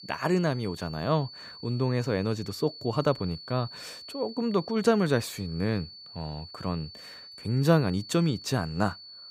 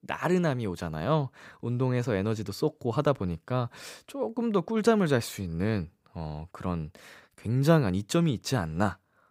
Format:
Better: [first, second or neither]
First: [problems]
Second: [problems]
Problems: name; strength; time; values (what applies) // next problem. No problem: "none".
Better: second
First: high-pitched whine; noticeable; throughout; 4.5 kHz, 15 dB below the speech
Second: none